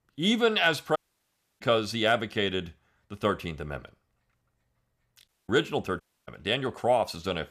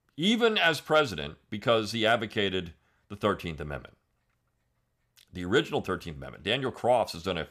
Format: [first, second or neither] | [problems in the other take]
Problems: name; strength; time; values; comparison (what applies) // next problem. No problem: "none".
second | audio cutting out; at 1 s for 0.5 s, at 5.5 s and at 6 s